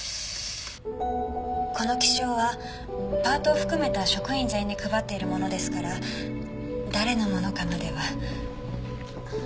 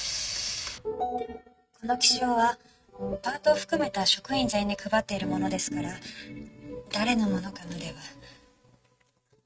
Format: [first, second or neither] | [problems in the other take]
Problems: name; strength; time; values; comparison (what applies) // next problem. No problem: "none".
first | noise reduction (neural mask model RNNoise)